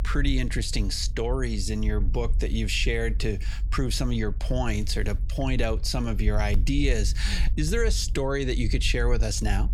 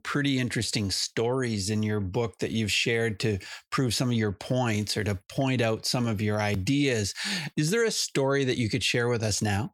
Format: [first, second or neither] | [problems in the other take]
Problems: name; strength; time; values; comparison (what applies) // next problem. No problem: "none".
second | low rumble; faint; throughout; 20 dB below the speech